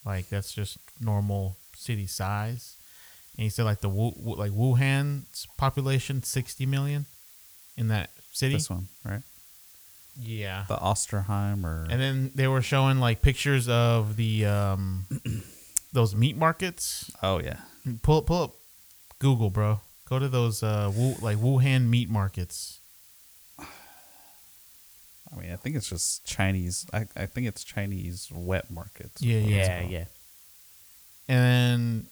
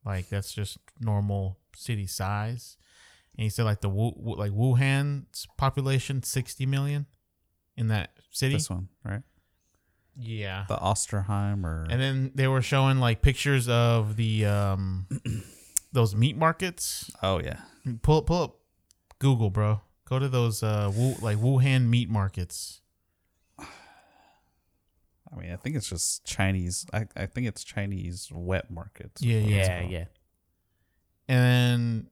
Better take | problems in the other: second | hiss; faint; throughout; 20 dB below the speech

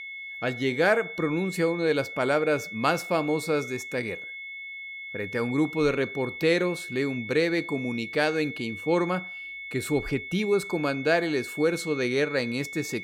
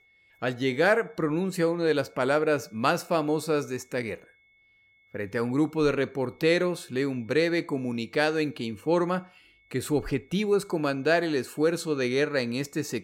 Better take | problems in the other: second | high-pitched whine; loud; throughout; 2 kHz, 9 dB below the speech; faint in the second

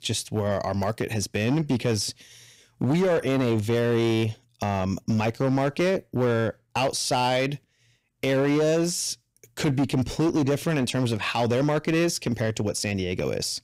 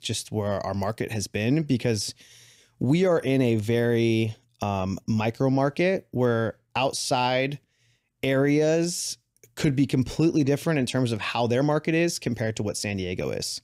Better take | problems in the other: second | distortion; slight; 12% of the sound clipped

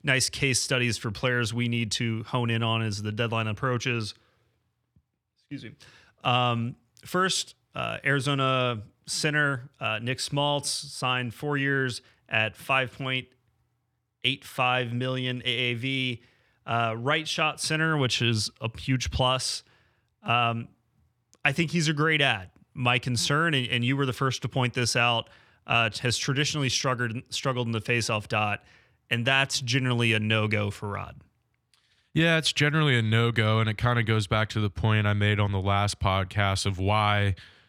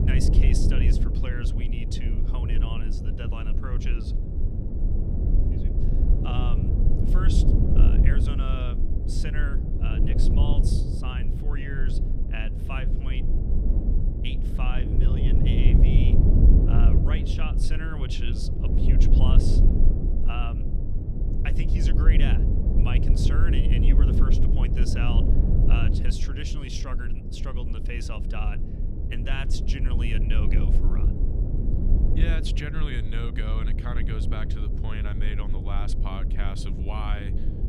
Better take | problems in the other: first | low rumble; loud; throughout; 1 dB below the speech

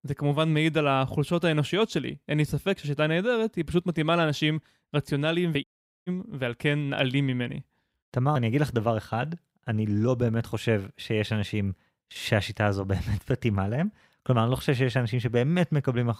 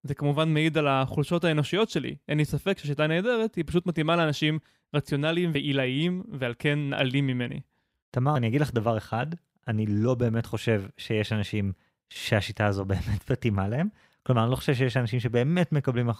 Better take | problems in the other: second | audio cutting out; at 5.5 s

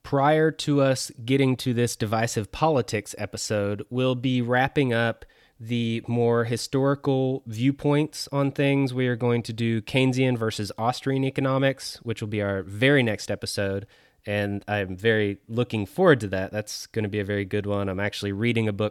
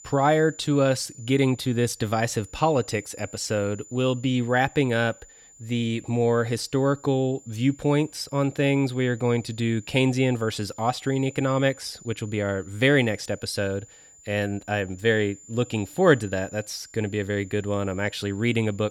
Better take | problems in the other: first | high-pitched whine; faint; throughout; 7 kHz, 20 dB below the speech

